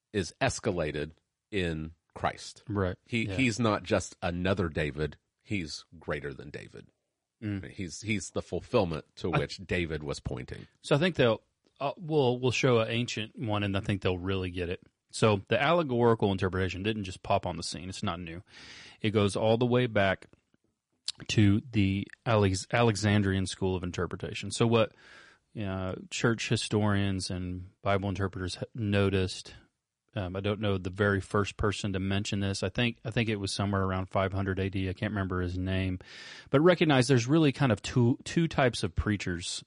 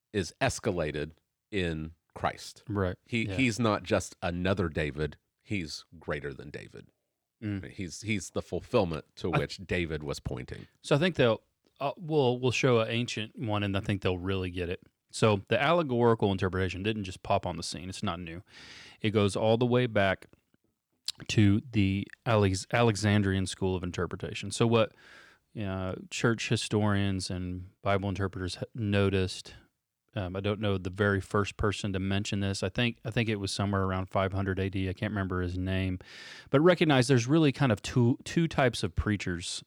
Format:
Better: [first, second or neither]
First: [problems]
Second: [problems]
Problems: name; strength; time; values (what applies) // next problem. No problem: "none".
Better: second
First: garbled, watery; slightly; nothing above 10.5 kHz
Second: none